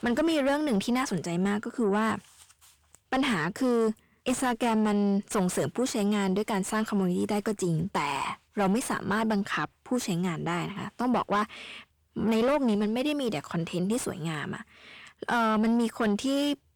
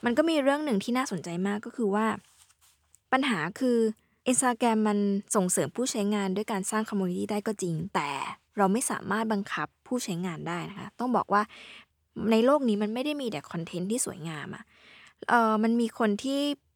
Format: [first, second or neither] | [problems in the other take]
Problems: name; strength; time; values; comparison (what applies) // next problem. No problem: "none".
second | distortion; heavy; 8 dB below the speech